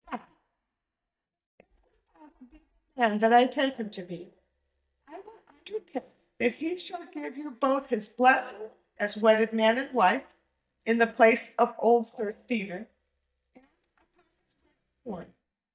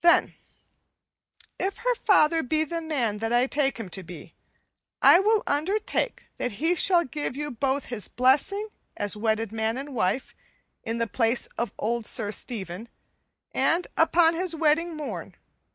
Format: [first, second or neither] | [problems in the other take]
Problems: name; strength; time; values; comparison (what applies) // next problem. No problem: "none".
second | noise reduction (neural mask model DeepFilterNet 3)